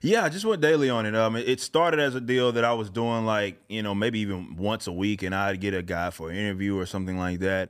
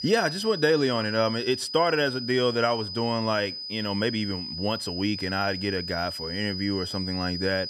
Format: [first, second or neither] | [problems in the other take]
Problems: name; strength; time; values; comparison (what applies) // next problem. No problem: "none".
first | high-pitched whine; loud; throughout; 5 kHz, 6 dB below the speech